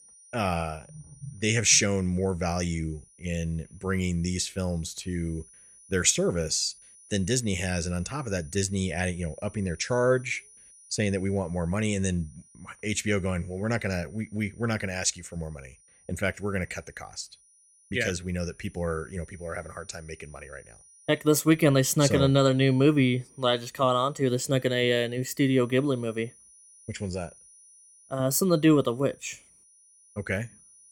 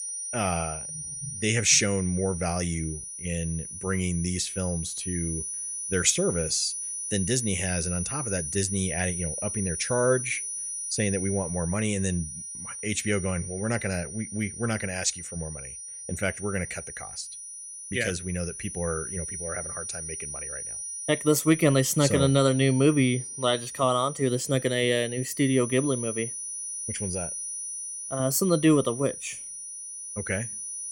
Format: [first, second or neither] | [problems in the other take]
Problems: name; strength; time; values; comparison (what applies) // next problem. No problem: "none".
first | high-pitched whine; loud; throughout; 9.5 kHz, 6 dB below the speech; faint in the first